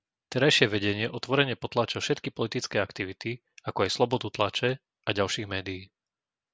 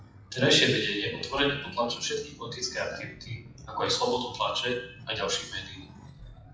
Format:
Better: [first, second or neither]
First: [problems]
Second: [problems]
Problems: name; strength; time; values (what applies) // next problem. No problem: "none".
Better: first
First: none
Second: noise reduction (classical method WPE with log-MMSE)